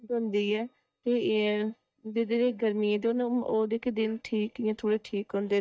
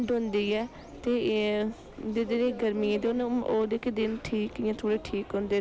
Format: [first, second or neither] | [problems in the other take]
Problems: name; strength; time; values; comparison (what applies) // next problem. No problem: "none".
second | noise reduction (neural mask model DeepFilterNet 3)